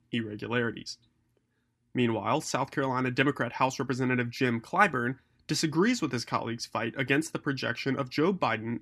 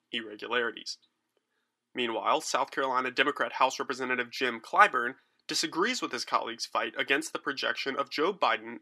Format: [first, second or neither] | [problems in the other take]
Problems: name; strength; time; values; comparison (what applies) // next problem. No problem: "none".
first | thin; somewhat; fading below 500 Hz